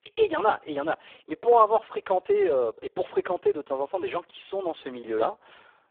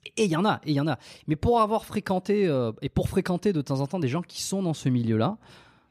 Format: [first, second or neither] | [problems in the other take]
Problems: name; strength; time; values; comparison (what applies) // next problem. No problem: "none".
second | phone-call audio; poor line